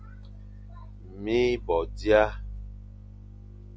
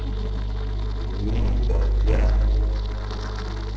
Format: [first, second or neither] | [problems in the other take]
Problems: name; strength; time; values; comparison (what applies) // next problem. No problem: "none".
first | noise reduction (neural separator model SepFormer DNS4)